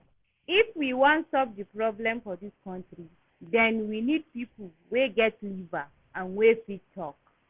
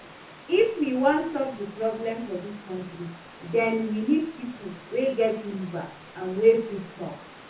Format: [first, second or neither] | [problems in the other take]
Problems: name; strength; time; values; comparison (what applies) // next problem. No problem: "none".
first | background sound (Stream / Liquid); 19 dB below the speech // room echo; dies away in 0.5 s